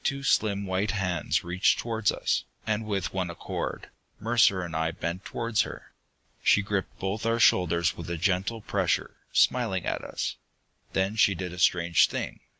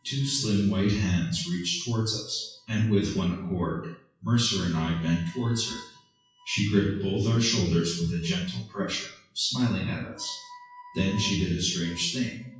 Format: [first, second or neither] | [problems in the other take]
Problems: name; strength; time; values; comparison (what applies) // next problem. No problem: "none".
first | noise reduction (classical method WPE with log-MMSE)